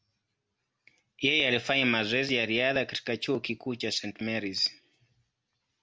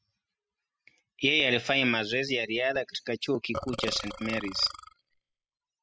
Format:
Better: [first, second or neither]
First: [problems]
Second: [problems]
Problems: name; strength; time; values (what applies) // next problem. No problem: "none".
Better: first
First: none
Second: noise reduction (classical method spectral subtraction)